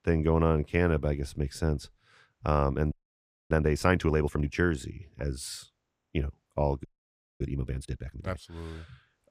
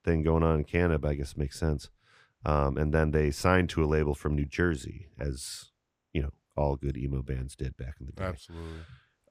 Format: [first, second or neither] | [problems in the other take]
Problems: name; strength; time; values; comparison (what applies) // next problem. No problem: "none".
second | audio freezing; at 3 s for 0.5 s and at 7 s for 0.5 s